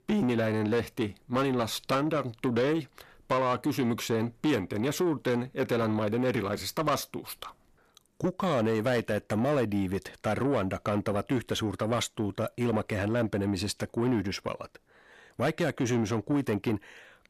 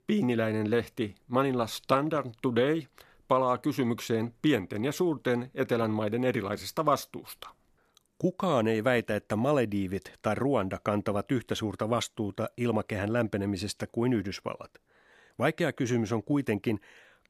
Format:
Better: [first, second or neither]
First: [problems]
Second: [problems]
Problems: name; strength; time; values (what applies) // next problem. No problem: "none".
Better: second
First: distortion; slight; 10 dB below the speech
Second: none